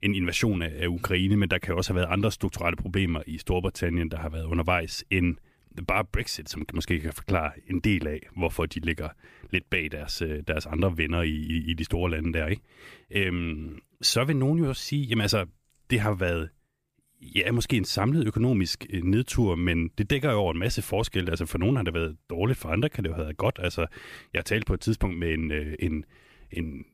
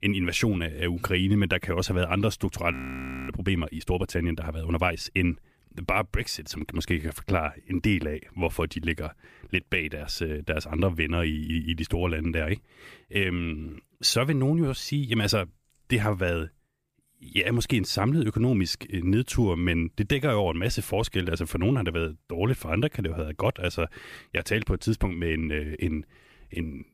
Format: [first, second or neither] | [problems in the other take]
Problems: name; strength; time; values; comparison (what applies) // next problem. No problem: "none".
first | audio freezing; at 2.5 s for 0.5 s